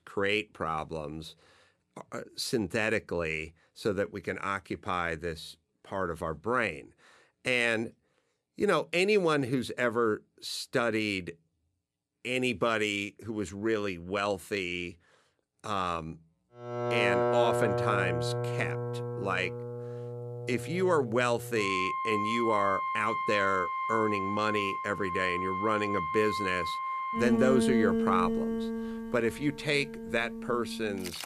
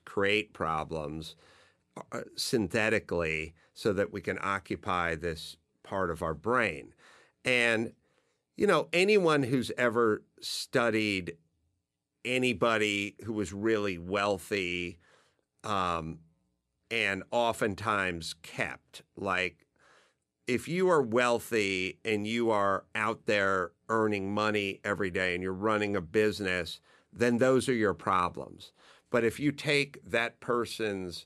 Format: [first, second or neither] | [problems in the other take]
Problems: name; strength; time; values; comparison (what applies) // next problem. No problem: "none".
second | background music; loud; from 17 s on; 2 dB below the speech